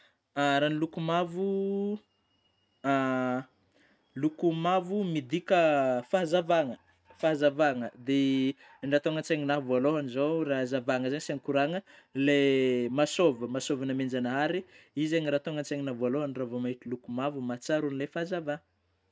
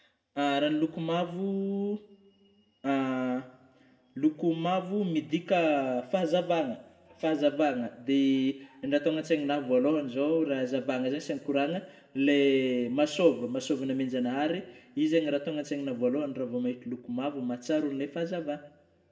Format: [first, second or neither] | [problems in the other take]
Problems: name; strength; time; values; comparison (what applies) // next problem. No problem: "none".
first | room echo; dies away in 0.9 s